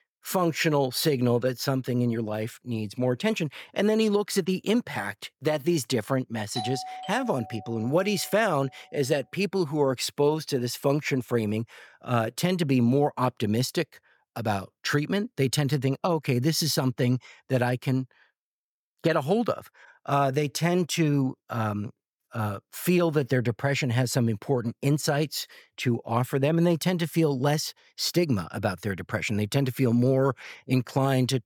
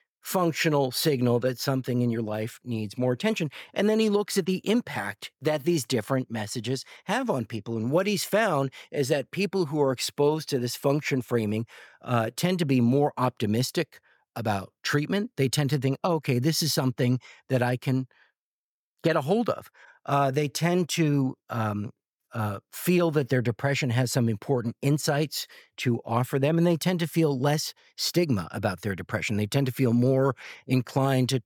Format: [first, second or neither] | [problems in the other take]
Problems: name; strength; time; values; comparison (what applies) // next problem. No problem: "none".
second | doorbell; noticeable; from 6.5 to 8.5 s; peak 8 dB below the speech